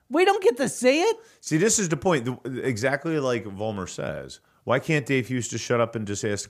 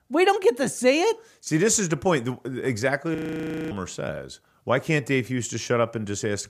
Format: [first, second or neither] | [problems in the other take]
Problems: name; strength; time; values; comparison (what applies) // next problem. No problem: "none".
first | audio freezing; at 3 s for 0.5 s